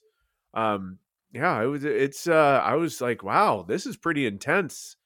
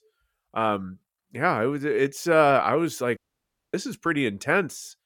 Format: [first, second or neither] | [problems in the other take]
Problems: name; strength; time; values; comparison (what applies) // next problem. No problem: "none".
first | audio cutting out; at 3 s for 0.5 s